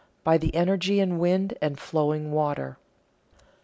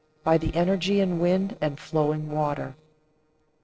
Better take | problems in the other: first | noise reduction (neural separator model SepFormer DNS4)

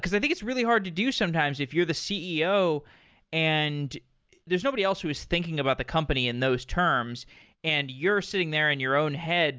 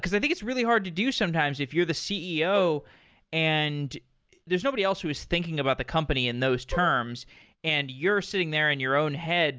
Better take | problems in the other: first | background sound (Bowed string instrument); 11 dB below the speech

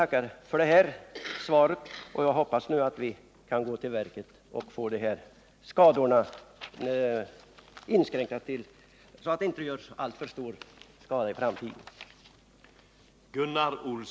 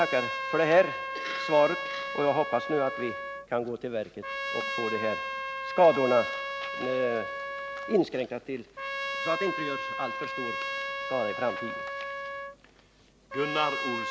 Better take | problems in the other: first | background sound (Trumpet); 5 dB below the speech

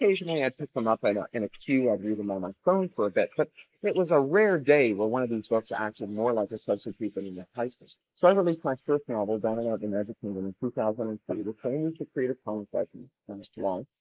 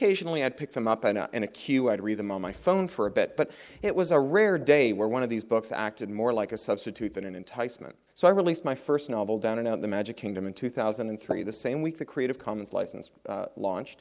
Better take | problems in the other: second | noise reduction (neural mask model Resemble Enhance denoiser)

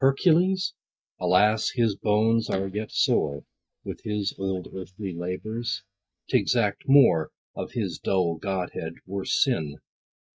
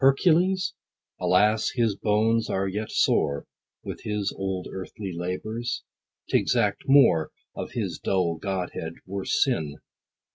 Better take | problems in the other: second | noise reduction (neural mask model DeepFilterNet 3)

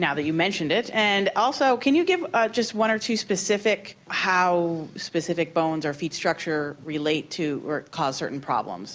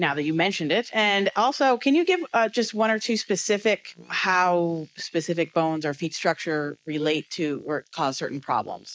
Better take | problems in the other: first | noise reduction (neural mask model Resemble Enhance denoiser)

